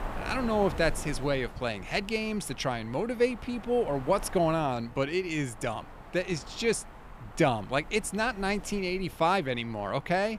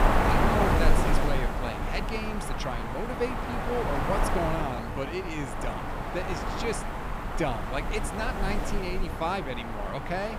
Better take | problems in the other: first | wind noise on the microphone; heavy; 2 dB above the speech; occasional gusts in the first

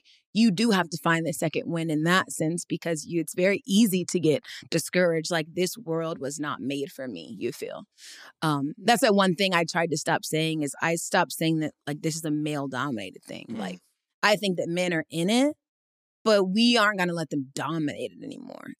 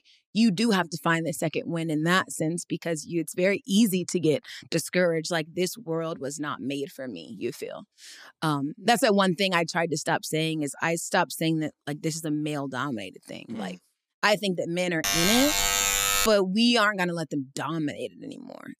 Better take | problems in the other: first | alarm; loud; from 15 to 16 s; peak 5 dB above the speech

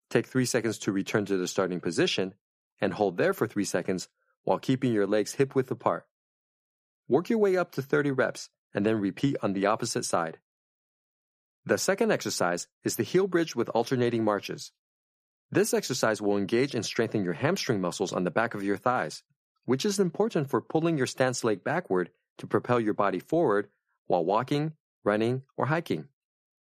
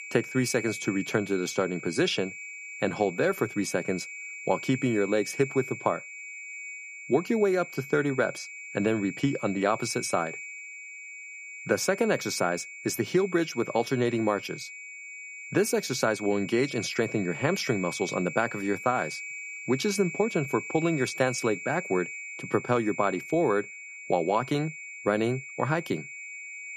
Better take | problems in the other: first | high-pitched whine; noticeable; throughout; 2.5 kHz, 10 dB below the speech

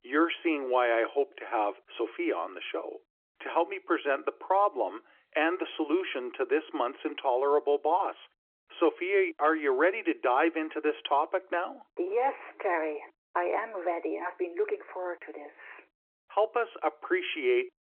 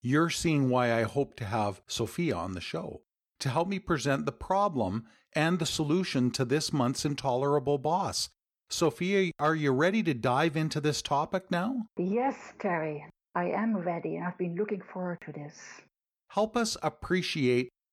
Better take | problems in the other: second | phone-call audio; nothing above 3.5 kHz

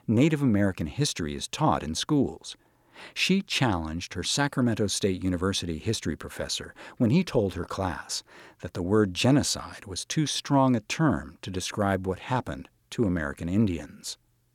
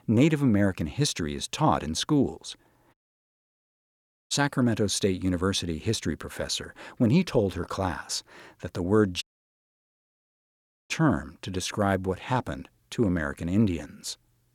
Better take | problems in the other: first | audio cutting out; at 3 s for 1.5 s and at 9 s for 1.5 s

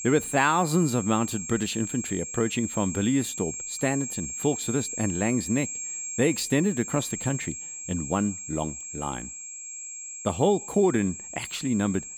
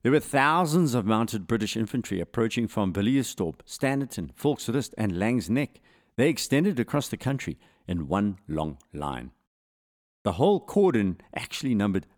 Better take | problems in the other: second | high-pitched whine; loud; throughout; 7.5 kHz, 6 dB below the speech

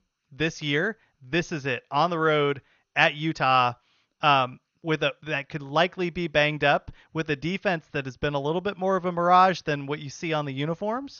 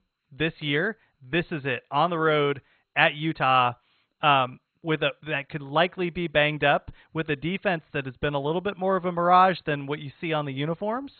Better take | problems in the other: first | garbled, watery; badly; nothing above 3.5 kHz; slightly in the first

